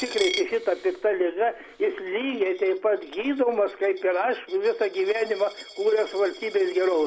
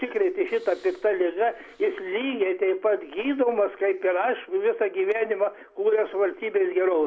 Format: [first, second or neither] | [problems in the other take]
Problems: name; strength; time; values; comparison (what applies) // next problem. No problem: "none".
second | background sound (Coin (dropping)); 16 dB below the speech